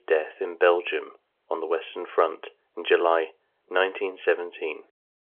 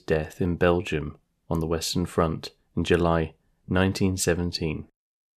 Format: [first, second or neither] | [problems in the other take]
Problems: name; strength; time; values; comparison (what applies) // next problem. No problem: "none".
second | phone-call audio; nothing above 3.5 kHz